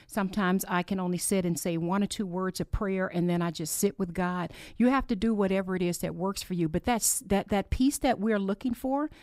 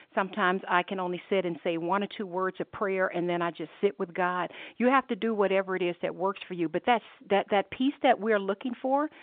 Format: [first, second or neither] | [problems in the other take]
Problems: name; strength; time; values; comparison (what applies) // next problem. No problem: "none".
first | phone-call audio